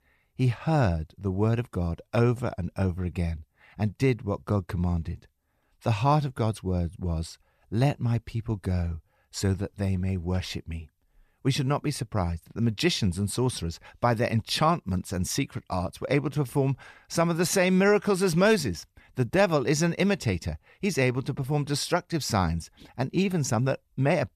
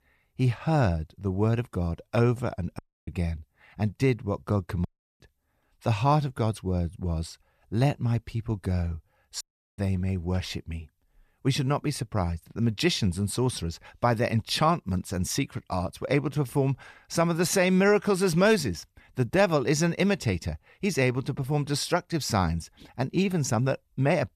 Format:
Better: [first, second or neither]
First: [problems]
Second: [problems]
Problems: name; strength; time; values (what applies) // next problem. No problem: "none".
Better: first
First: none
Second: audio cutting out; at 3 s, at 5 s and at 9.5 s